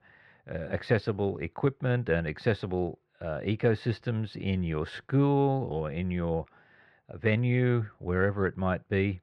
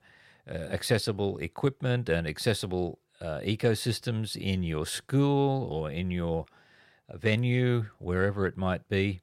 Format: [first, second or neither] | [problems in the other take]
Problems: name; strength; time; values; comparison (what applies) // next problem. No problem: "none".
second | muffled; slightly; fading above 2 kHz